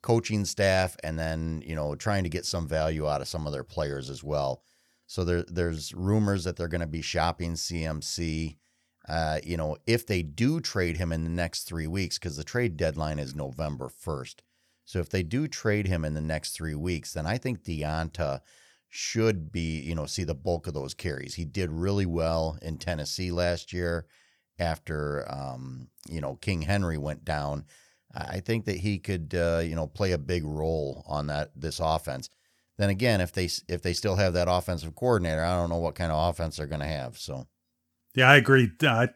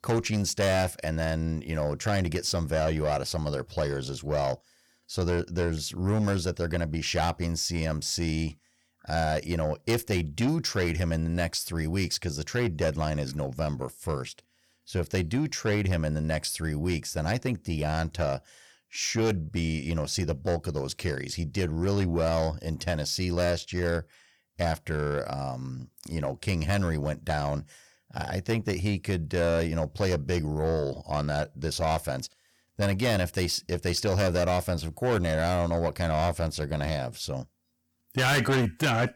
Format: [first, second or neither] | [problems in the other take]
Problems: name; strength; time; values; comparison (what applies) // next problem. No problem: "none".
first | distortion; heavy; 8 dB below the speech